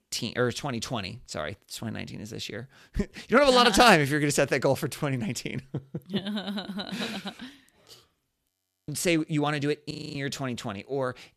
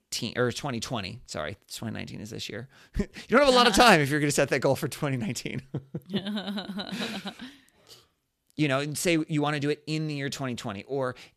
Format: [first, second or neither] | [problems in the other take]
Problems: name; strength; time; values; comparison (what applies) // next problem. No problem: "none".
second | audio freezing; at 8.5 s and at 10 s